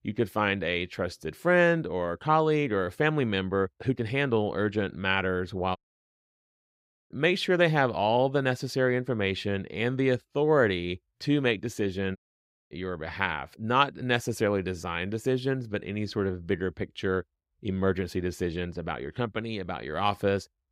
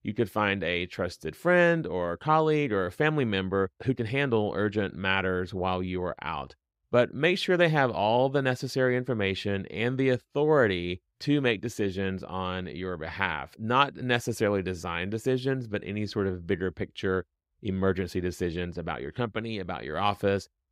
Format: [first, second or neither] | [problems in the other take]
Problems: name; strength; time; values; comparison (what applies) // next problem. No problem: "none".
second | audio cutting out; at 6 s for 1.5 s and at 12 s for 0.5 s